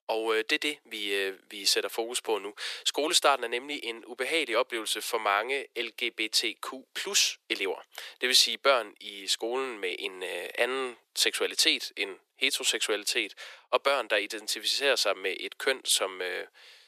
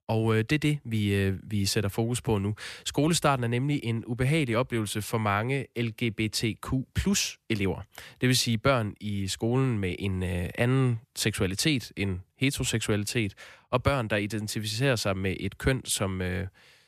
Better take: second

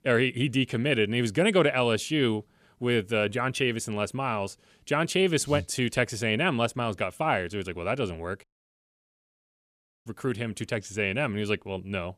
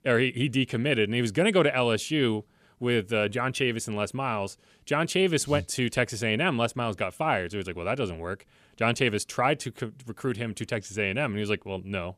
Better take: second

